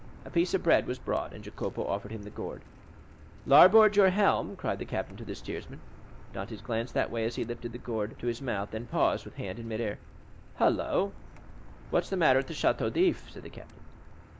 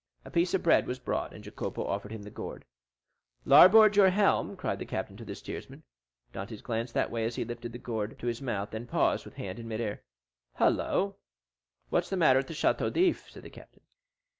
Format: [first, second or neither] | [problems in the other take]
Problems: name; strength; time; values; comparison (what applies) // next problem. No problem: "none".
second | background sound (Car); 17 dB below the speech